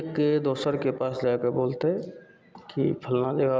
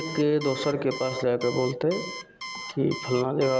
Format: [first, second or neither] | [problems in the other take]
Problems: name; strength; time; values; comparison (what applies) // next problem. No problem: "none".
first | background sound (Alarm); 12 dB below the speech